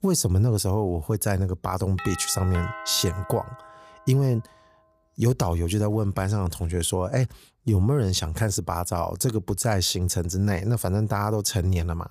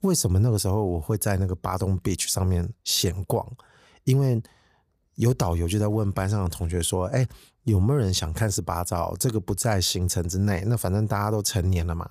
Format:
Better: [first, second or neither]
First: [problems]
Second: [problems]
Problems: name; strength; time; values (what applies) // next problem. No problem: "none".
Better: second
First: doorbell; noticeable; from 2 to 4 s; peak 10 dB below the speech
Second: none